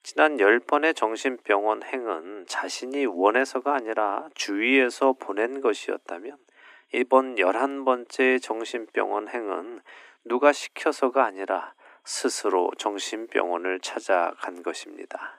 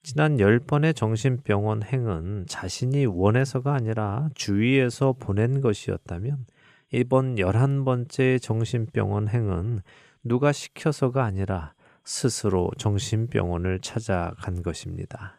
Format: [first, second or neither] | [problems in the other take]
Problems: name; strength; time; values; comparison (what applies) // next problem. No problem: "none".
second | thin; very; fading below 250 Hz